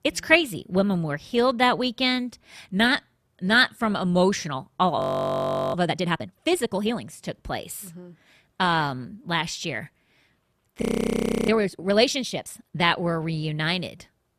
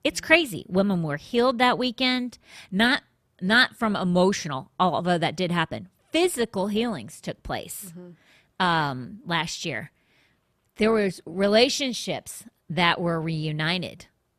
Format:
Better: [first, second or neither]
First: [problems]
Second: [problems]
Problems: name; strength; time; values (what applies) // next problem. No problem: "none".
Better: second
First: audio freezing; at 5 s for 0.5 s and at 11 s for 0.5 s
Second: none